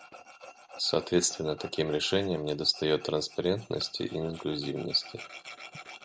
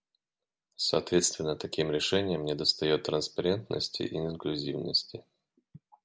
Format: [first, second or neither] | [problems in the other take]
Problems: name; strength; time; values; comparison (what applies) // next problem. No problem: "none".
second | background sound (Tools); 18 dB below the speech